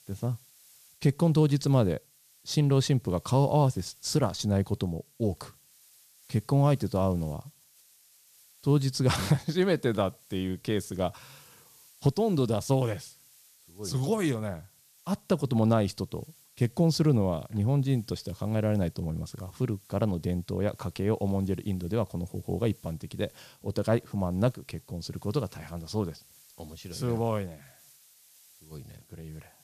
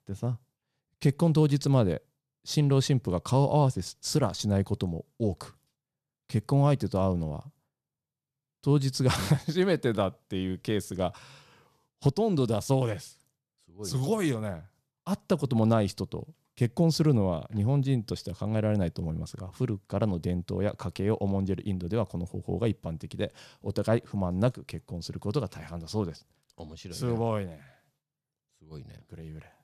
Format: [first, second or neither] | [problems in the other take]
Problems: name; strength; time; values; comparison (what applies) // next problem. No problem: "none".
second | hiss; faint; throughout; 25 dB below the speech